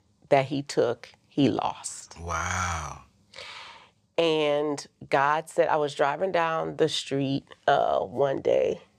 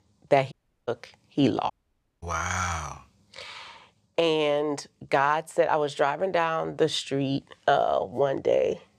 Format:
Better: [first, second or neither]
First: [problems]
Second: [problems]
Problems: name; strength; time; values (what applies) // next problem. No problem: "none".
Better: first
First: none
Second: audio cutting out; at 0.5 s and at 1.5 s for 0.5 s